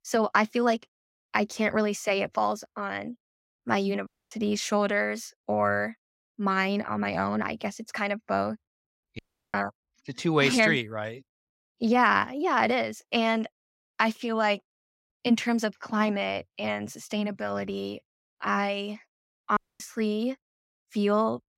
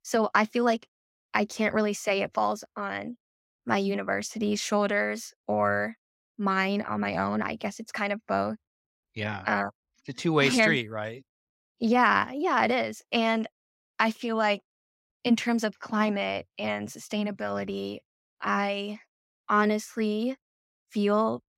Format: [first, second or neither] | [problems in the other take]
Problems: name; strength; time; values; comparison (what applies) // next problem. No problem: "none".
second | audio cutting out; at 4 s, at 9 s and at 20 s